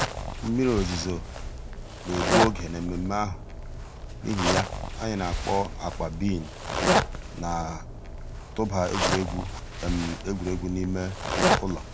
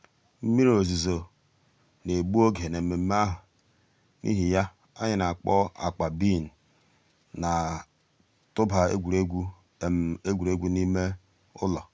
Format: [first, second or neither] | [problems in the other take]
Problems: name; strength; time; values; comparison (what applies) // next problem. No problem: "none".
second | background sound (Zipper (clothing)); 1 dB above the speech